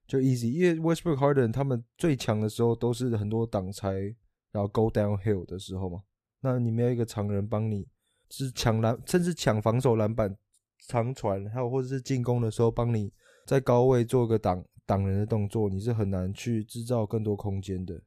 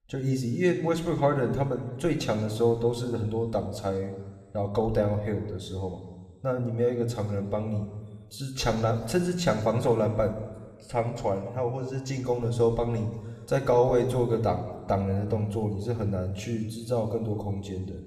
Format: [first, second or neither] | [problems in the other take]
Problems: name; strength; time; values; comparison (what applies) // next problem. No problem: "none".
first | room echo; slight; dies away in 1.4 s